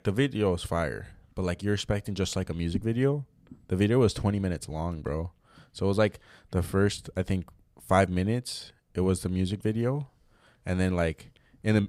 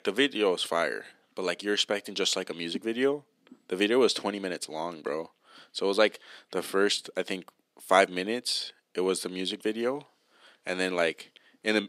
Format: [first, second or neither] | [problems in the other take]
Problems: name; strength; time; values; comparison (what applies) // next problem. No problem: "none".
first | thin; somewhat; fading below 250 Hz